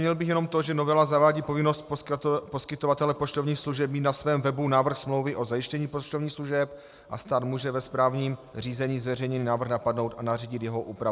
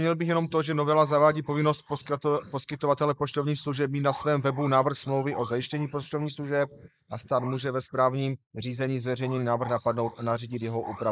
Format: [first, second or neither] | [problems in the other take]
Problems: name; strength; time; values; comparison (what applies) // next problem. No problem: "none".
first | noise reduction (neural mask model Resemble Enhance denoiser)